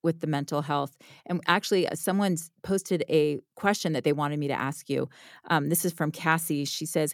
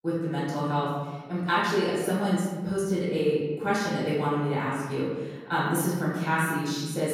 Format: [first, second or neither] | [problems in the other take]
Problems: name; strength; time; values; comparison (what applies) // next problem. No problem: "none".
first | off-mic speech; far // room echo; strong; dies away in 1.3 s